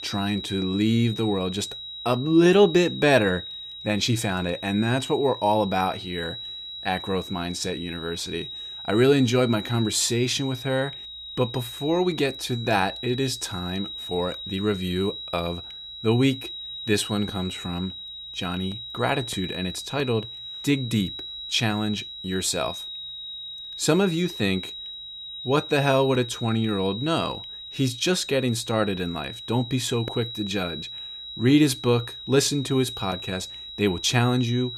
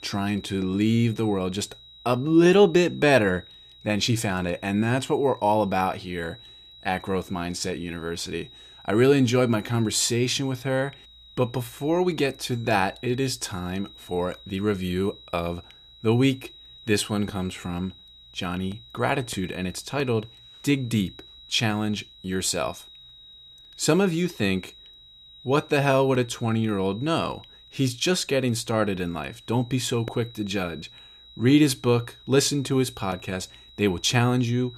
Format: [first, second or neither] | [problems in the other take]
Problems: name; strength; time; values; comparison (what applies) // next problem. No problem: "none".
second | high-pitched whine; loud; throughout; 4 kHz, 10 dB below the speech; faint in the second